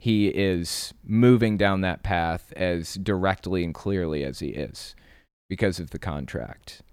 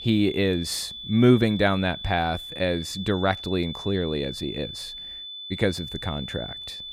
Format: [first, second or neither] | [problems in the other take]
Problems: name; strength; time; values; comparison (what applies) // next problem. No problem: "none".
first | high-pitched whine; loud; throughout; 3.5 kHz, 10 dB below the speech